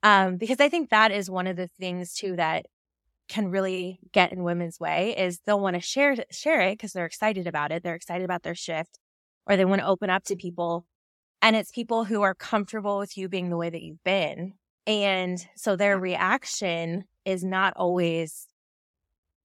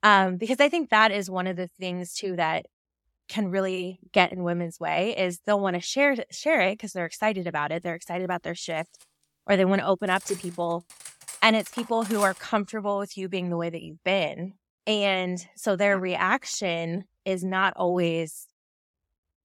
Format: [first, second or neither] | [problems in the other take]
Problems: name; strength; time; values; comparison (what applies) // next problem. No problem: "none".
first | clattering dishes; noticeable; from 10 to 12 s; peak 10 dB below the speech